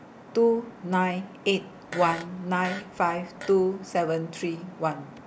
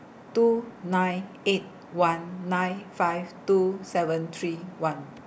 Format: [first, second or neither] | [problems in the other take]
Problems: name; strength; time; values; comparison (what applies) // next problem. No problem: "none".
second | background sound (Fart); 14 dB below the speech